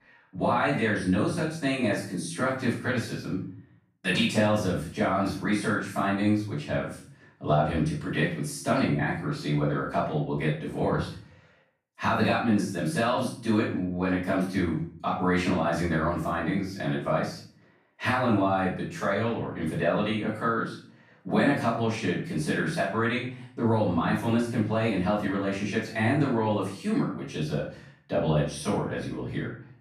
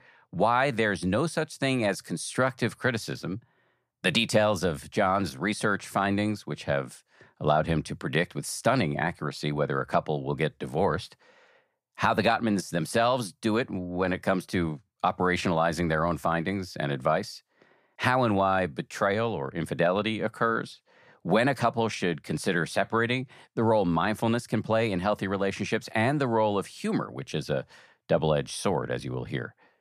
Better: second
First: off-mic speech; far // room echo; noticeable; dies away in 0.5 s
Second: none

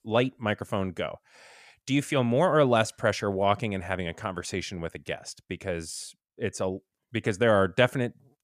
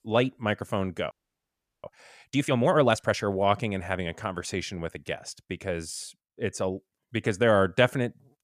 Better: first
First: none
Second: audio freezing; at 1 s for 0.5 s

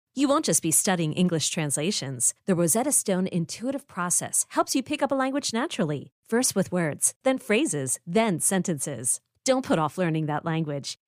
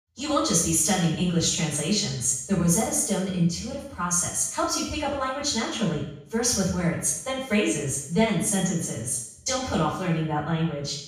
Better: first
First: none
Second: room echo; noticeable; dies away in 0.6 s // off-mic speech; far

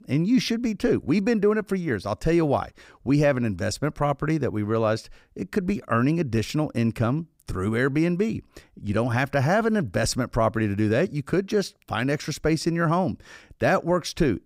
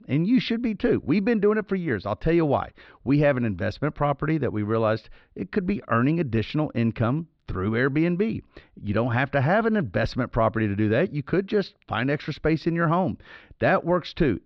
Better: first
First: none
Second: muffled; slightly; fading above 4 kHz

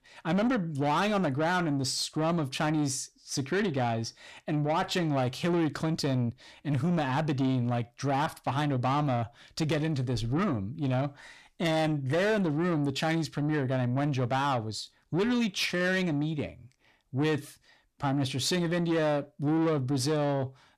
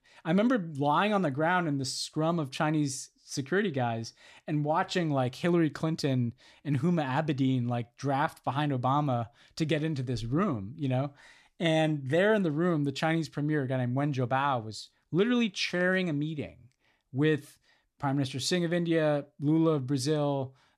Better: second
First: distortion; slight; 10 dB below the speech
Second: none

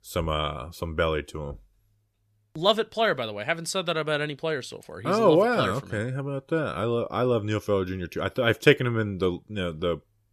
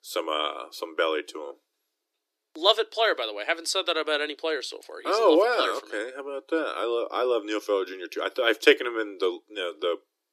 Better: first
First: none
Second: thin; very; fading below 300 Hz

